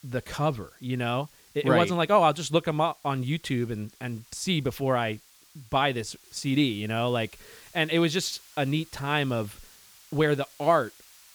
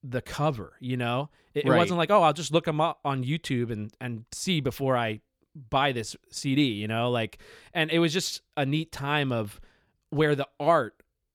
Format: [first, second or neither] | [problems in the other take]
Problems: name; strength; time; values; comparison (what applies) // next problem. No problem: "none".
second | hiss; faint; throughout; 25 dB below the speech